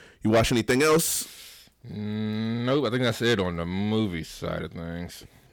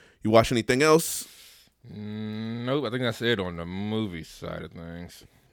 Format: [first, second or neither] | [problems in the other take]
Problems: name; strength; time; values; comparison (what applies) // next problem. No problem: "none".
second | distortion; heavy; 7 dB below the speech